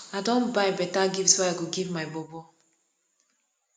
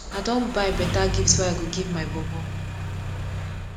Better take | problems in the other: first | background sound (Engine starting); 1 dB below the speech

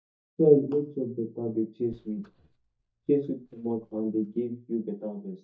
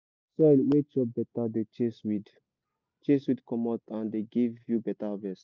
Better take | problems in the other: second | noise reduction (neural mask model DeepFilterNet 3)

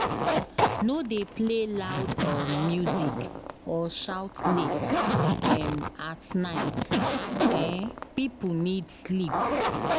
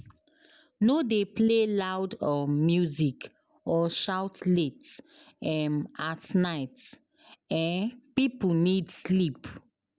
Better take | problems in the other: second | background sound (Zipper (clothing)); 2 dB above the speech

